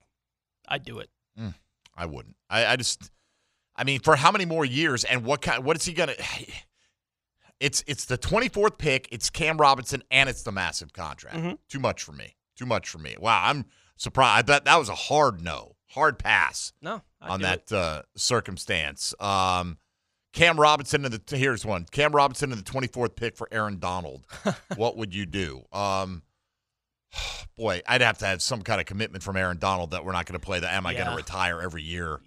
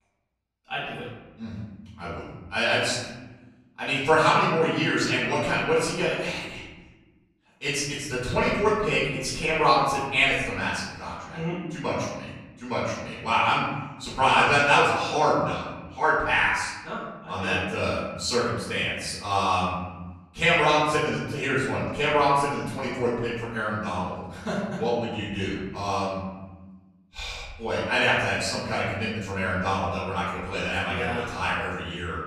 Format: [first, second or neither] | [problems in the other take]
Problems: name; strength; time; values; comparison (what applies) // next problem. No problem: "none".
first | room echo; noticeable; dies away in 1.2 s // off-mic speech; far